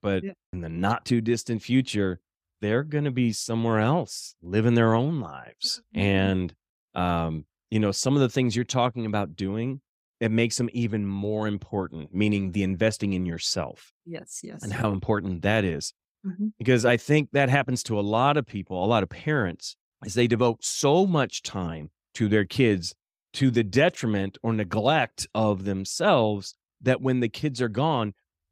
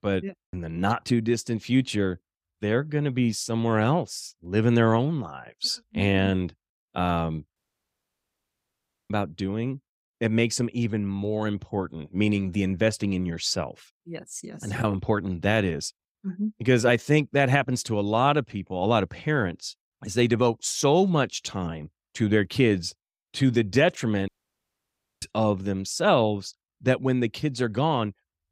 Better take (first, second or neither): first